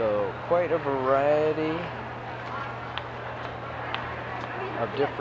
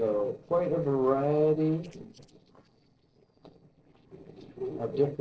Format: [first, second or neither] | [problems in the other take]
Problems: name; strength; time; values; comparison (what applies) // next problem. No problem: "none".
first | noise reduction (neural separator model SepFormer DNS4)